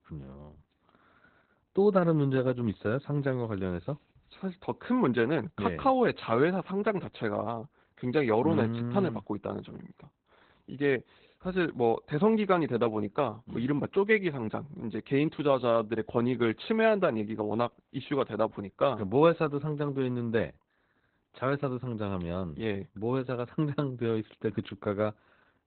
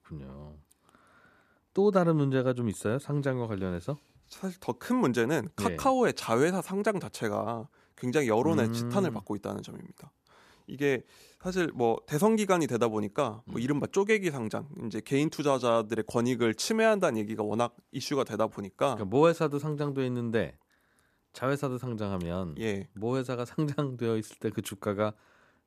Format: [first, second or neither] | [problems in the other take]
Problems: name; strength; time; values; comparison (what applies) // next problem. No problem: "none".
second | garbled, watery; badly; nothing above 4 kHz